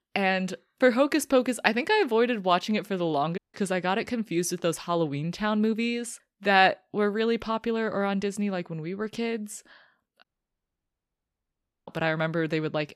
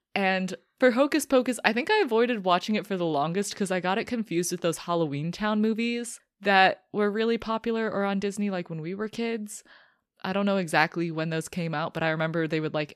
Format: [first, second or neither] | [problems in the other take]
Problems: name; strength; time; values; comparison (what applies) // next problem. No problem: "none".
second | audio cutting out; at 3.5 s and at 10 s for 1.5 s